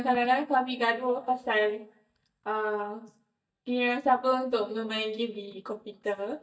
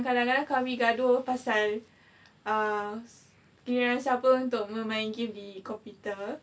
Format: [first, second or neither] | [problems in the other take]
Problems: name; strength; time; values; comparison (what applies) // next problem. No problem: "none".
second | noise reduction (neural mask model DeepFilterNet 3)